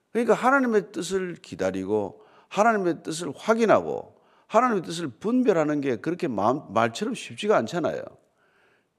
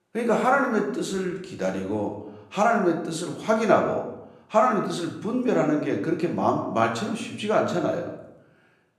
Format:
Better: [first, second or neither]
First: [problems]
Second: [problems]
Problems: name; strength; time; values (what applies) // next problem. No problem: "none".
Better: first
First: none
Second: room echo; slight; dies away in 0.7 s // off-mic speech; somewhat distant